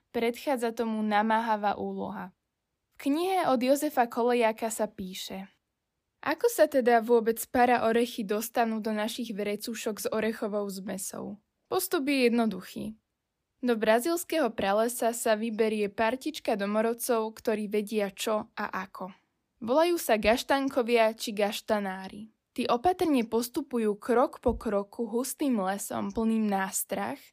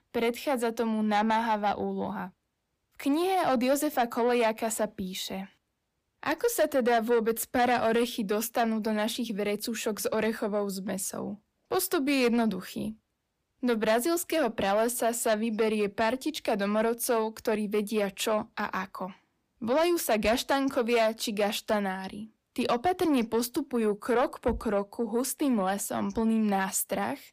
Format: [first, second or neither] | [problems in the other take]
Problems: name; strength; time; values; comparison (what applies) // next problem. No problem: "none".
first | distortion; slight; 10 dB below the speech